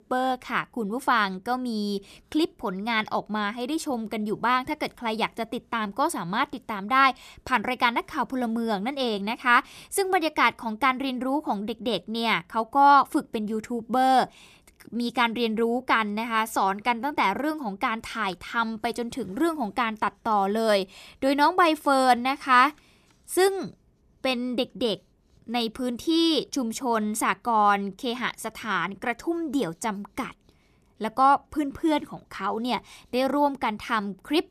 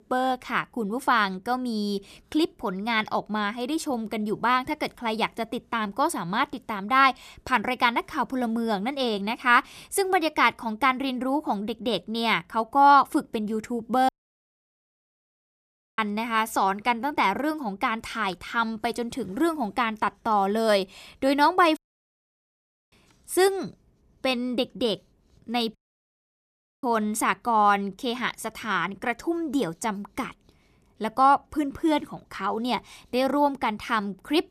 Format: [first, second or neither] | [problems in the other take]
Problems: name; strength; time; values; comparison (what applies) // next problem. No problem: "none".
first | audio cutting out; at 14 s for 2 s, at 22 s for 1 s and at 26 s for 1 s